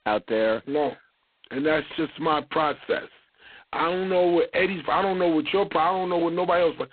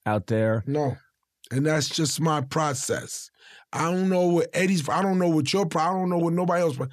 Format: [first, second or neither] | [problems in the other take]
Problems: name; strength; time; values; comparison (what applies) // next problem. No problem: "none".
second | phone-call audio; poor line; nothing above 4 kHz